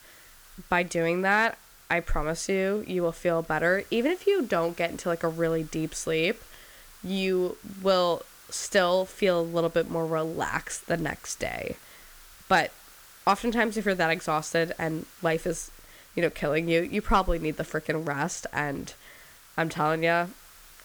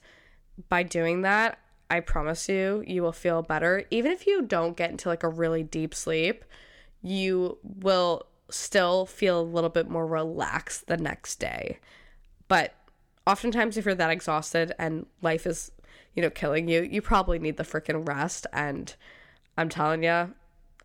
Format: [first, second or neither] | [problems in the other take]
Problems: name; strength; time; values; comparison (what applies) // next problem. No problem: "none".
second | hiss; faint; throughout; 20 dB below the speech